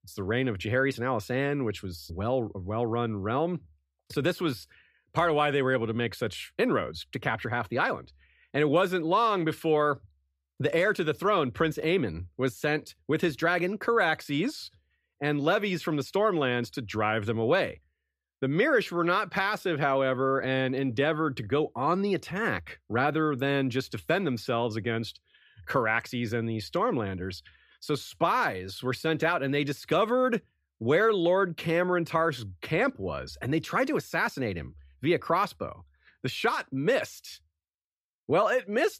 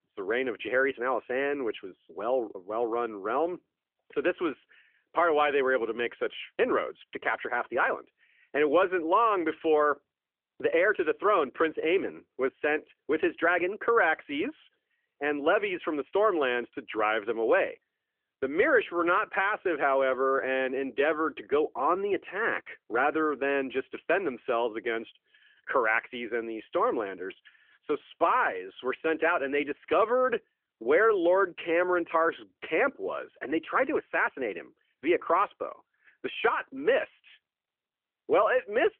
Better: first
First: none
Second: phone-call audio; nothing above 3 kHz

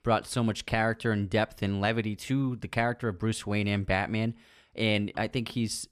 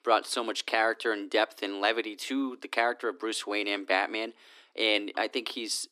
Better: first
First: none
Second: thin; somewhat; fading below 250 Hz

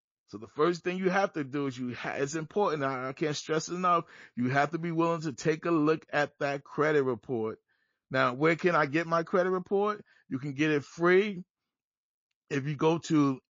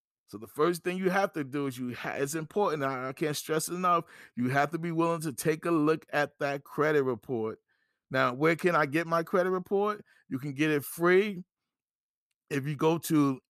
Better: second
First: garbled, watery; slightly; nothing above 6.5 kHz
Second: none

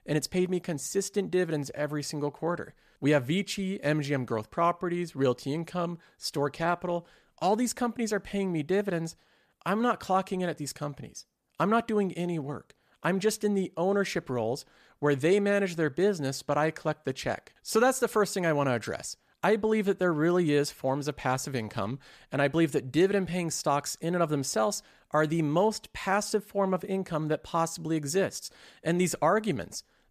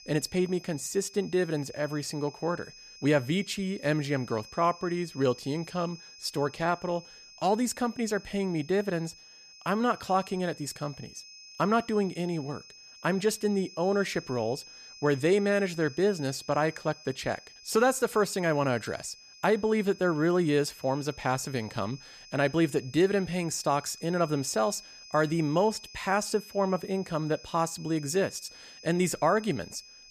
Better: first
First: none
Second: high-pitched whine; noticeable; throughout; 5 kHz, 20 dB below the speech

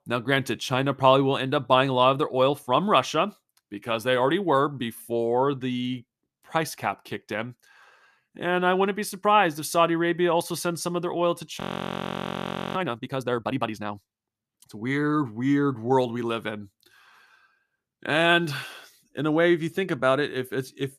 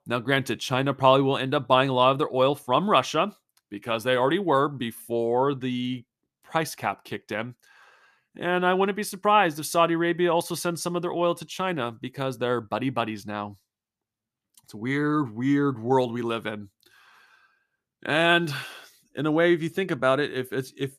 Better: second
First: audio freezing; at 12 s for 1 s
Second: none

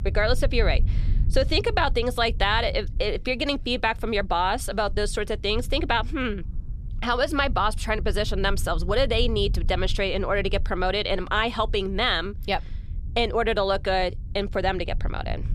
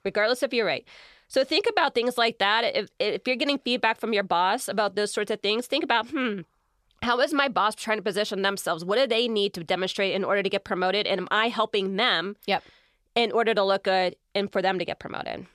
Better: second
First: low rumble; faint; throughout; 25 dB below the speech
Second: none

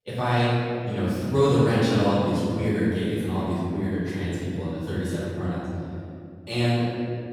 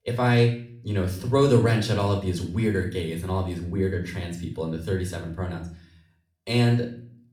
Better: second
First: room echo; strong; dies away in 2.8 s // off-mic speech; far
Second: room echo; slight; dies away in 0.5 s // off-mic speech; somewhat distant

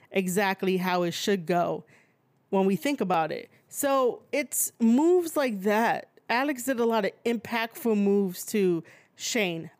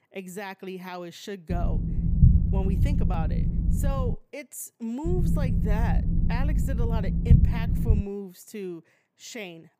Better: first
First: none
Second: low rumble; loud; from 1.5 to 4 s and from 5 to 8 s; 1 dB below the speech

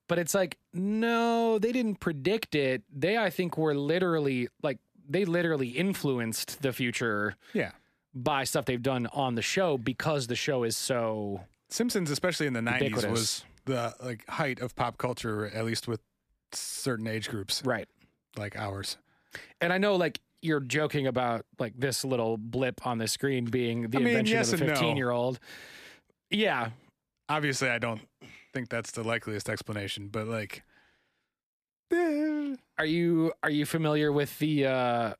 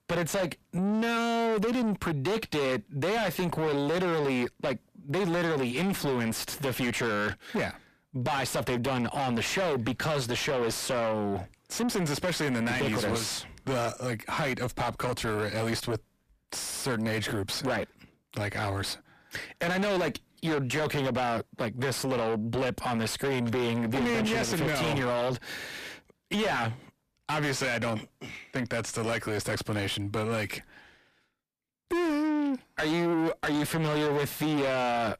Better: first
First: none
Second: distortion; heavy; 5 dB below the speech

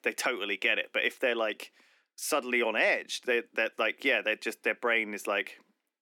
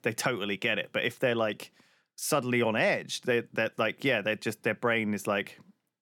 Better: second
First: thin; somewhat; fading below 250 Hz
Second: none

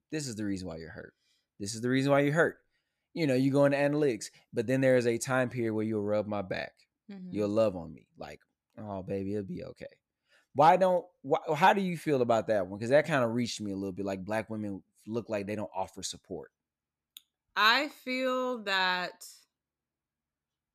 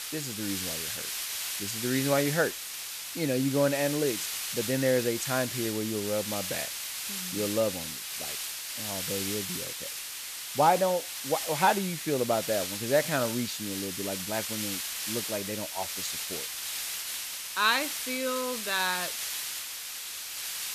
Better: first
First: none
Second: hiss; loud; throughout; 3 dB below the speech

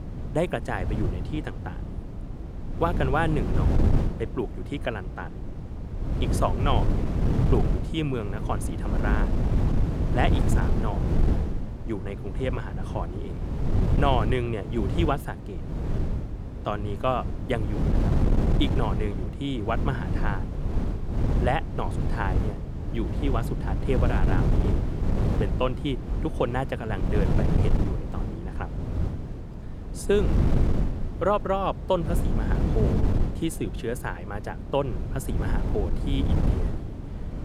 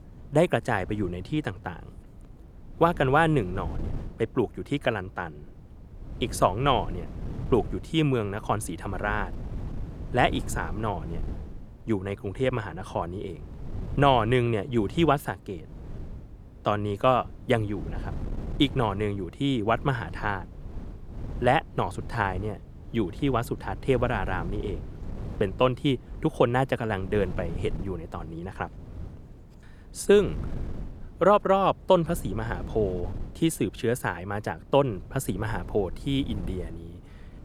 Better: second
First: wind noise on the microphone; heavy; 6 dB below the speech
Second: wind noise on the microphone; occasional gusts; 20 dB below the speech

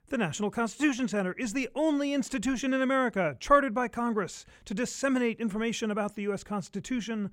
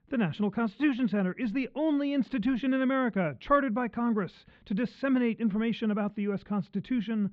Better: first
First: none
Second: muffled; very; fading above 4 kHz

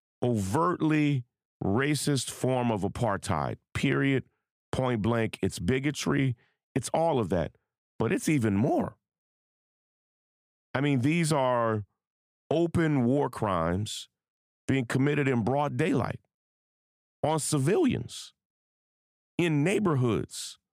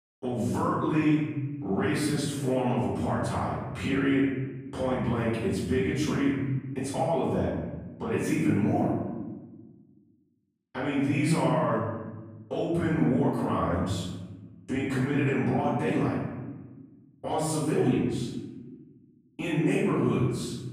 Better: first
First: none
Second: room echo; strong; dies away in 1.2 s // off-mic speech; far

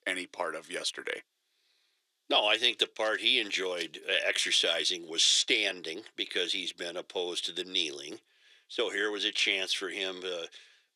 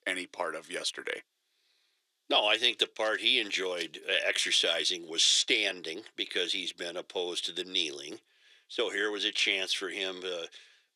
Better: neither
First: thin; very; fading below 300 Hz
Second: thin; very; fading below 300 Hz

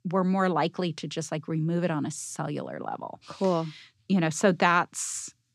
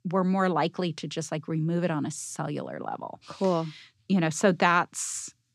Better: neither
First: none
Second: none

